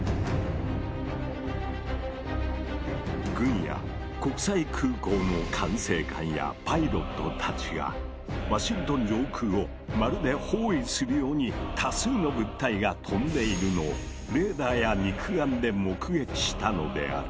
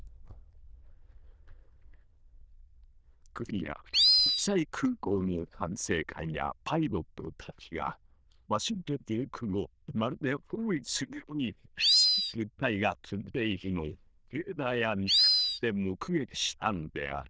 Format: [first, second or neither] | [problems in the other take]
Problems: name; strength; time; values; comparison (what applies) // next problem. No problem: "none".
first | noise reduction (neural diffusion model UNIVERSE++)